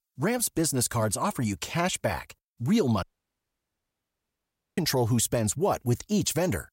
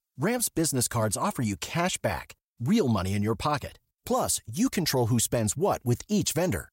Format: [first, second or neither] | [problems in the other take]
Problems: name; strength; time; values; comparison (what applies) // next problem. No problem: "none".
second | audio cutting out; at 3 s for 1.5 s